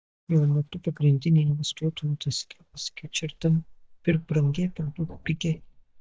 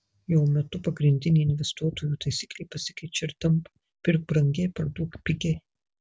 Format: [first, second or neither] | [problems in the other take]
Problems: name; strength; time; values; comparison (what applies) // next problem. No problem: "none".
second | noise reduction (neural mask model DeepFilterNet 3)